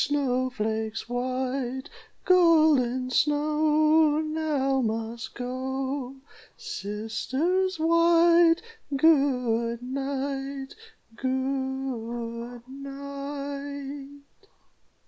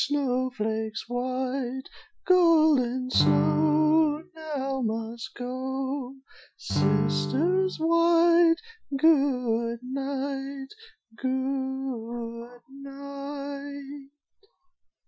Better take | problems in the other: first | noise reduction (classical method Wiener filter)

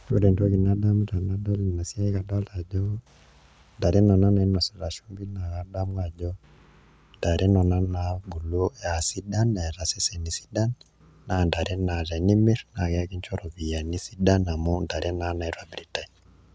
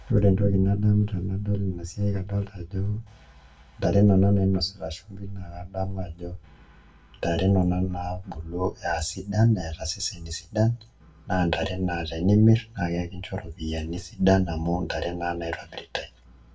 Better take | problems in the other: first | room echo; dies away in 0.1 s

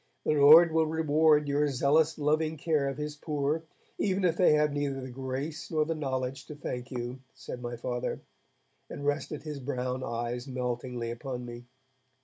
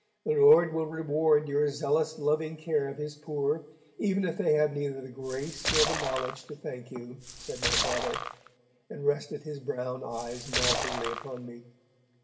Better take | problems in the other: first | background sound (Splash, splatter); 3 dB below the speech // room echo; dies away in 2 s

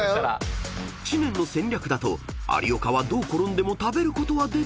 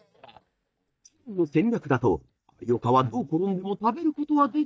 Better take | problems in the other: first | noise reduction (neural mask model DeepFilterNet 3)

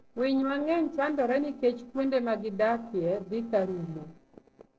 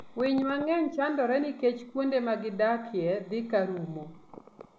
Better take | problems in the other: second | noise reduction (neural separator model SepFormer DNS4)

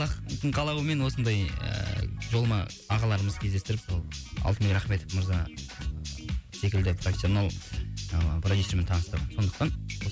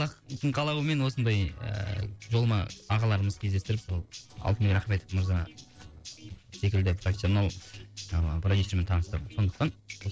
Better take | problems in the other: first | noise reduction (neural separator model SepFormer DNS4)

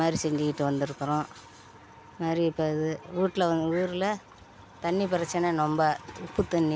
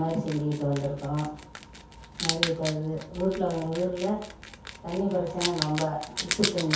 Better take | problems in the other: first | background sound (Wild animals); 6 dB below the speech // room echo; dies away in 0.6 s

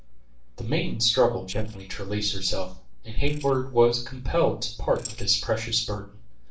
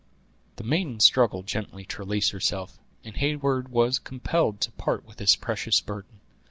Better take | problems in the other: second | noise reduction (neural separator model SepFormer DNS4)

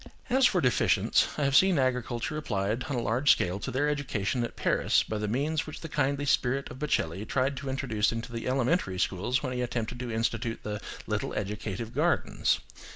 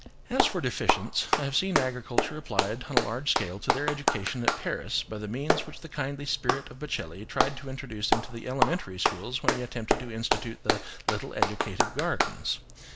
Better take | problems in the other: first | background sound (Clapping); 2 dB above the speech

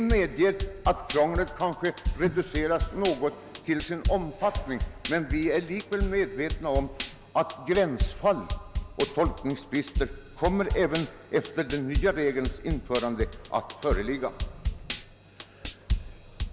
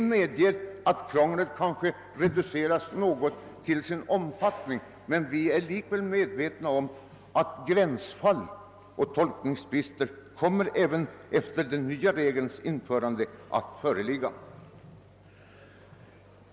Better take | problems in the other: second | background sound (Drum kit); 5 dB below the speech

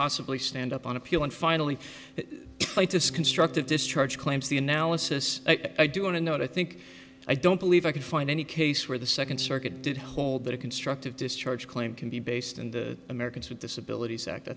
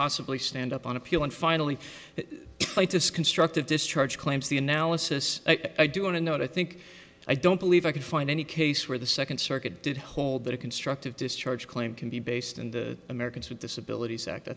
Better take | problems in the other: second | background sound (Bass guitar); 19 dB below the speech

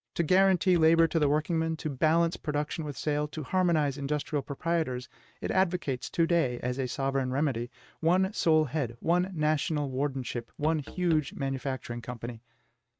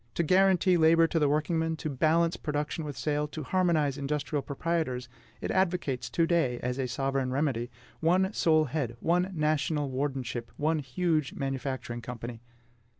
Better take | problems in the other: second | noise reduction (neural mask model RNNoise)

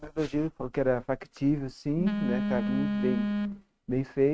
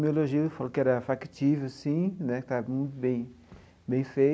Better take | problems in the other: second | noise reduction (neural mask model RNNoise)

